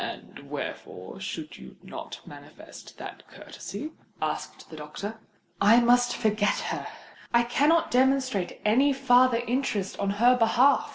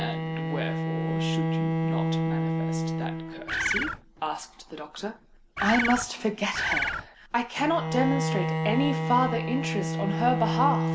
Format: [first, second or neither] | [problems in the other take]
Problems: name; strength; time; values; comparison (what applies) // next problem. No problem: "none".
first | background sound (Bird + Bowed string instrument); 1 dB above the speech